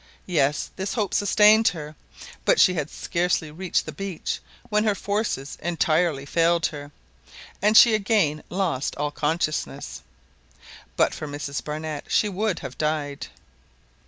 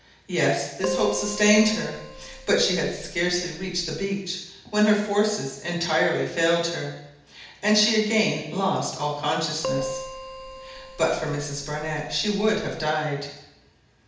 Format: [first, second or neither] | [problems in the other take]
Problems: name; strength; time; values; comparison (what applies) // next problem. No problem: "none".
first | background sound (Keyboard (musical)); 10 dB below the speech // room echo; dies away in 0.8 s